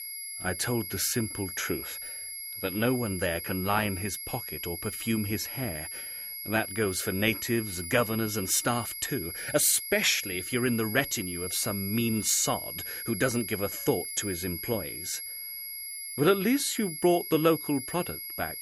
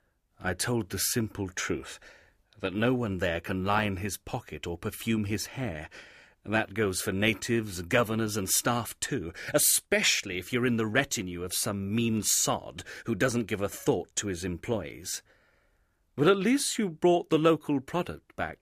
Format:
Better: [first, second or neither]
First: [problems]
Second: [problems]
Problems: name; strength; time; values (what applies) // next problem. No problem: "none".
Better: second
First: high-pitched whine; loud; throughout; 11 kHz, 6 dB below the speech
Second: none